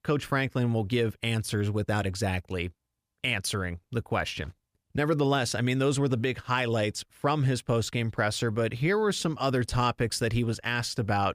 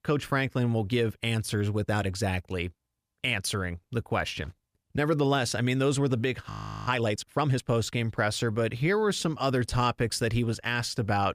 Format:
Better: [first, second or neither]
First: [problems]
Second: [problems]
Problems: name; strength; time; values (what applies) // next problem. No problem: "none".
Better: first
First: none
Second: audio freezing; at 6.5 s